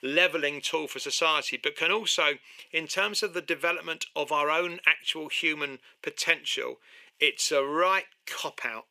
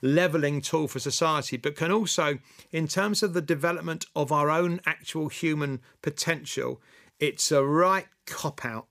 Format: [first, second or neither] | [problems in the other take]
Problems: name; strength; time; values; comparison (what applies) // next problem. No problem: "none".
second | thin; somewhat; fading below 450 Hz